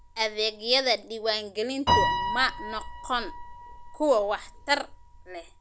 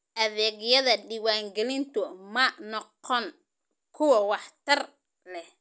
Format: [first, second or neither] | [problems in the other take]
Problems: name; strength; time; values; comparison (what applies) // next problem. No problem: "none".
second | background sound (Piano); 4 dB below the speech